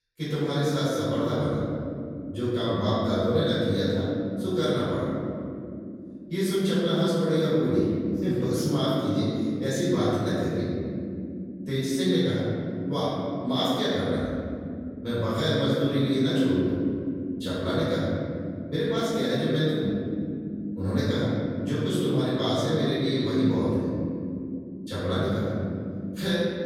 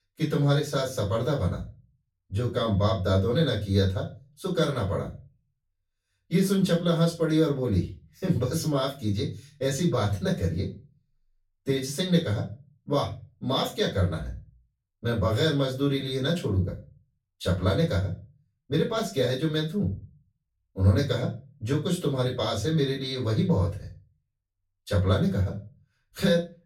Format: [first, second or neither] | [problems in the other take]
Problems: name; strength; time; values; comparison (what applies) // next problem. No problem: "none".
second | room echo; strong; dies away in 3 s; slight in the second // off-mic speech; far; far in the second